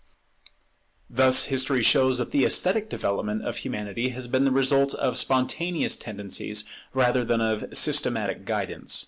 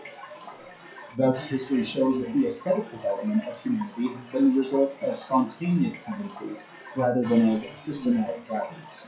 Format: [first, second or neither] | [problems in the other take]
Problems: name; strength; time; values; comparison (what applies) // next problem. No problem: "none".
first | noise reduction (classical method WPE with log-MMSE)